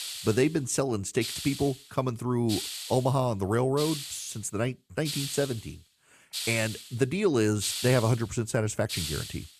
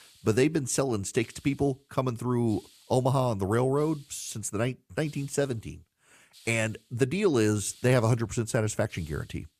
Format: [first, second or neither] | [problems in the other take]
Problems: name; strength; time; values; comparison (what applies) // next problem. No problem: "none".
second | hiss; loud; throughout; 7 dB below the speech; faint in the second